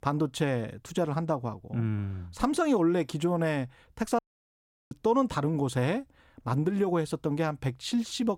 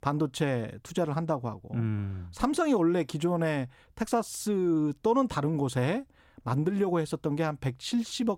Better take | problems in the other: second | audio cutting out; at 4 s for 0.5 s

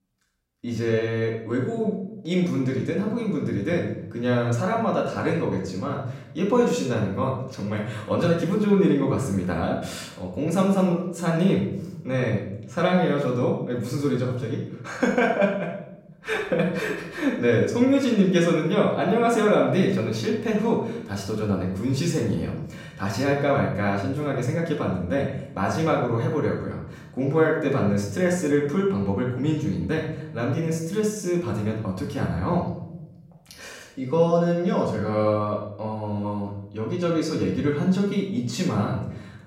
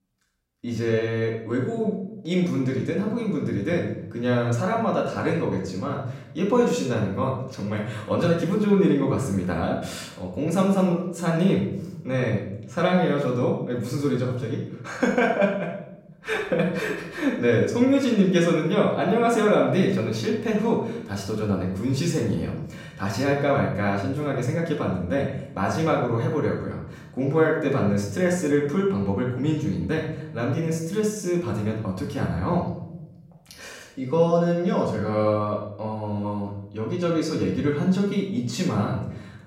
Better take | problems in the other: neither | off-mic speech; far; the same in both // room echo; noticeable; dies away in 0.7 s; the same in both

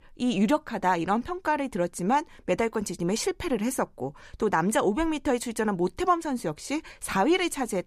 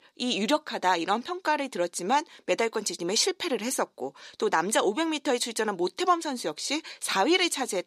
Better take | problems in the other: first | thin; very slightly; fading below 350 Hz

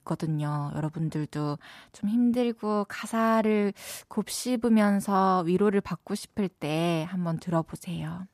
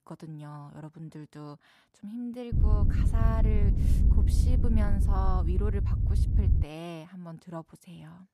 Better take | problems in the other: first | low rumble; loud; from 2.5 to 6.5 s; 2 dB below the speech

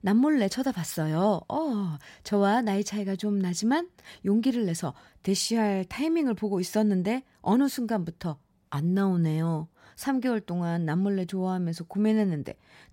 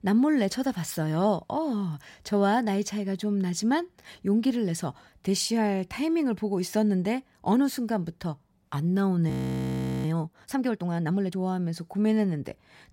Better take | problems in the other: first | audio freezing; at 9.5 s for 0.5 s

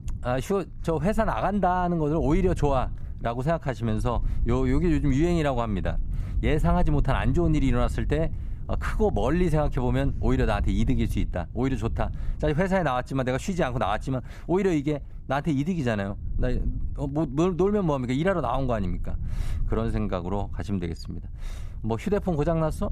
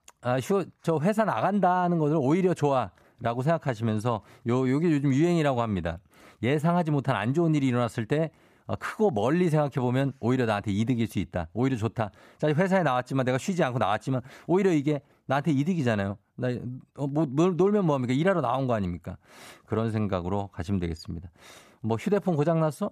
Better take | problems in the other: second | low rumble; faint; throughout; 25 dB below the speech

